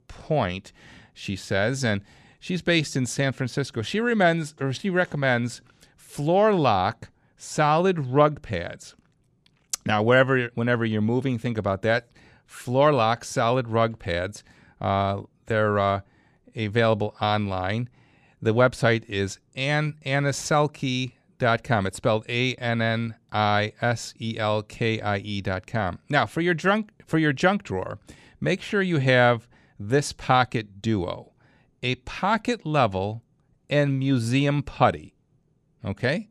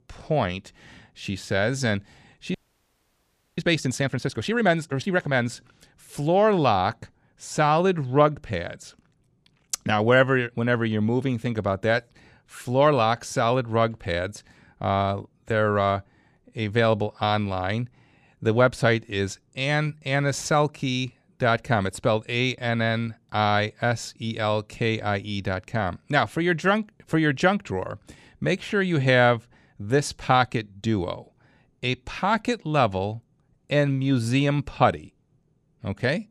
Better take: first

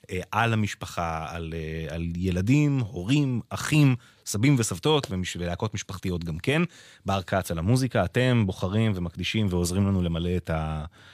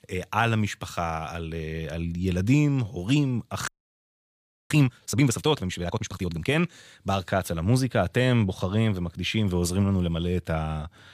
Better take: first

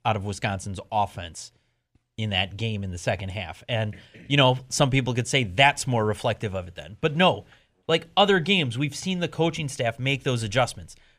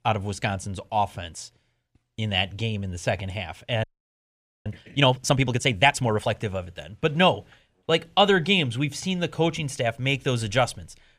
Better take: first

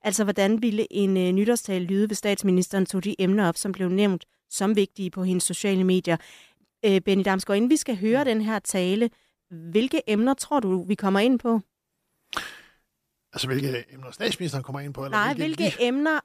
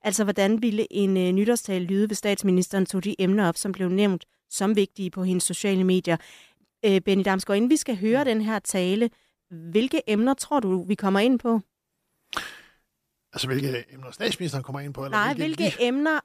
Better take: neither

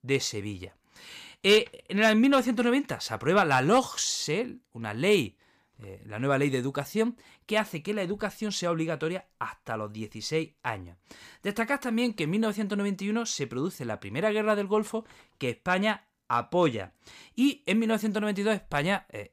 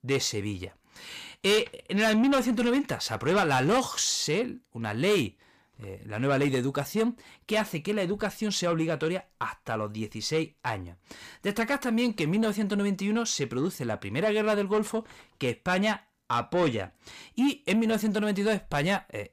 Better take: first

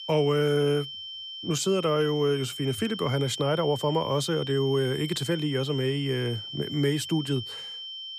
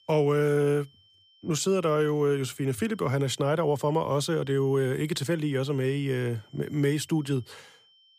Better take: second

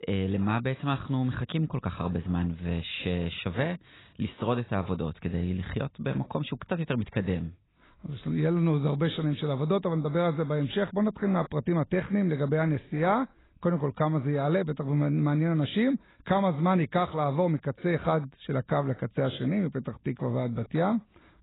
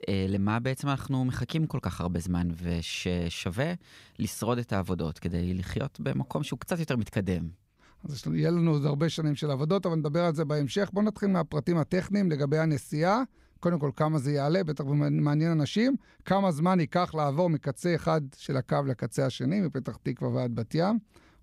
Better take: second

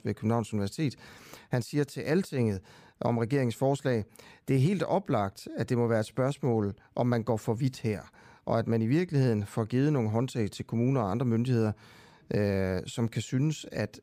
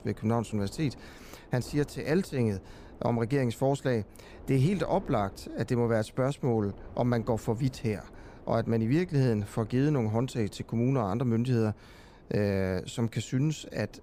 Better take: first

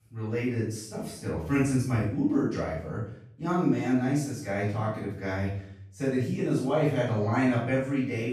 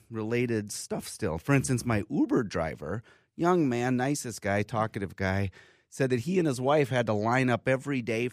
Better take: second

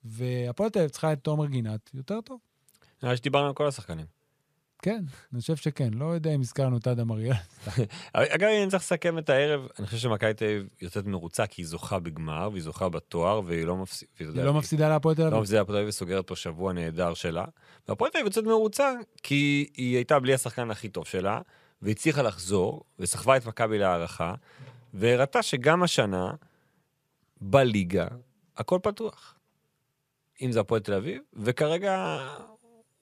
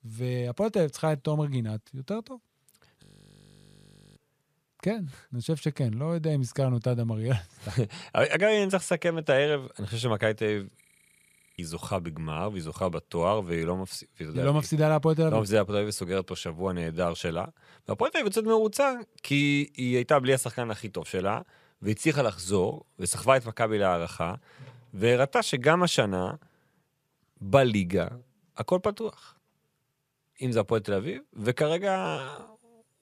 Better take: first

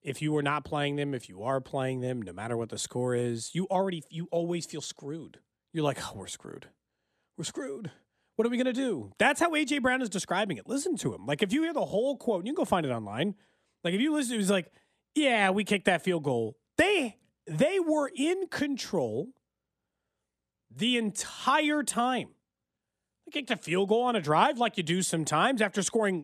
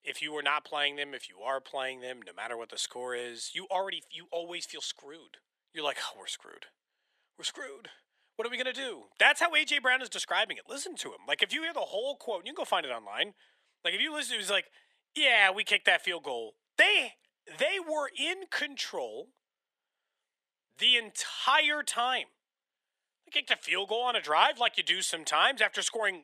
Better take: first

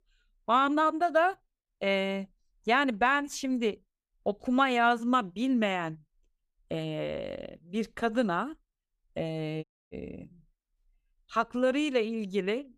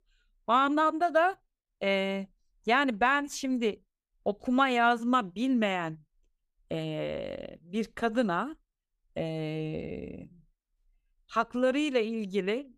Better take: second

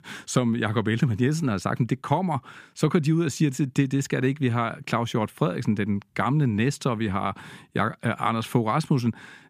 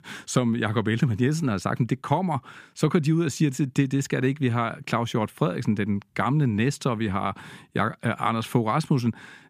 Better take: neither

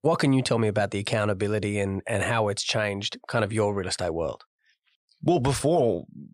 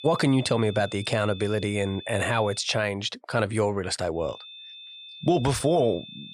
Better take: first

